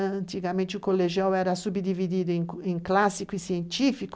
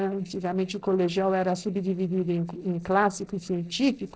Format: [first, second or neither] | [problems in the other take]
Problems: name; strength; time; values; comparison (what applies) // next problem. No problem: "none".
first | noise reduction (neural separator model SepFormer DNS4)